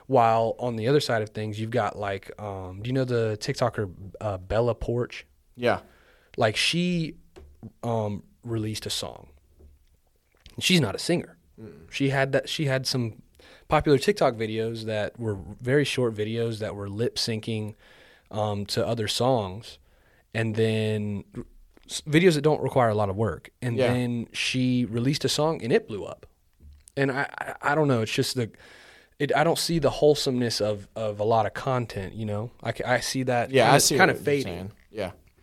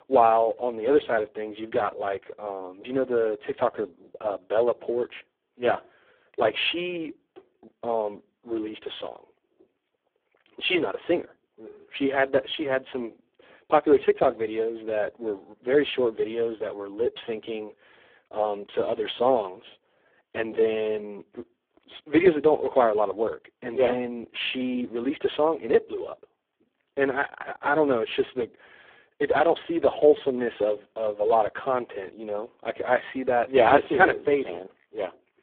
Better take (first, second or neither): first